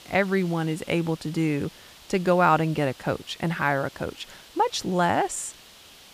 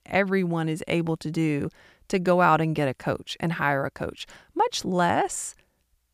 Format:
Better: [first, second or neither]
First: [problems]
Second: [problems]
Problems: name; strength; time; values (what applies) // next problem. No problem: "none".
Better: second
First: hiss; faint; throughout; 20 dB below the speech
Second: none